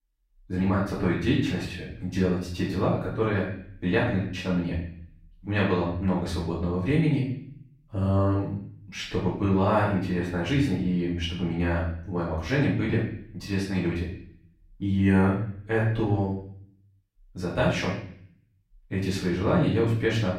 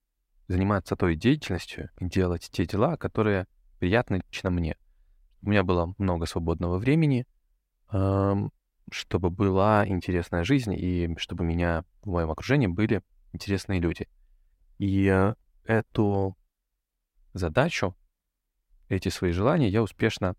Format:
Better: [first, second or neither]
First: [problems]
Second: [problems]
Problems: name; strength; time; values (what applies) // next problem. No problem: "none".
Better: second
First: off-mic speech; far // room echo; noticeable; dies away in 0.5 s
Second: none